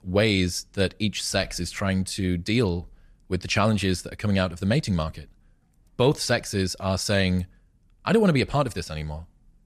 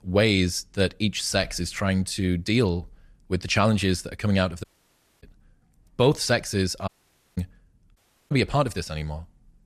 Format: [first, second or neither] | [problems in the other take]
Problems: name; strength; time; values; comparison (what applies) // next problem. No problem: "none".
first | audio cutting out; at 4.5 s for 0.5 s, at 7 s and at 8 s